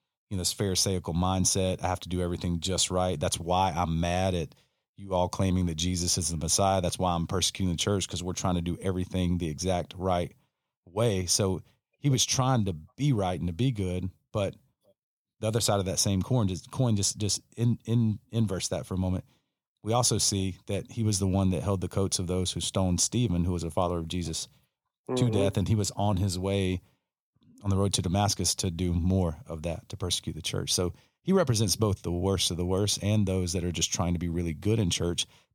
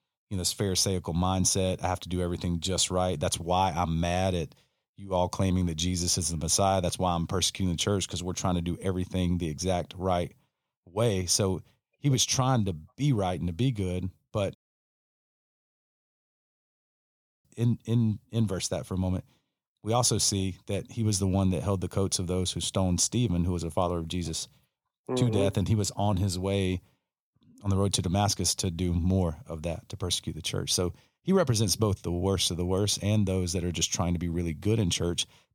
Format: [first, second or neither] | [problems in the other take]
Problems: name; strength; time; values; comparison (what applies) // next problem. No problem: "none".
first | audio cutting out; at 15 s for 3 s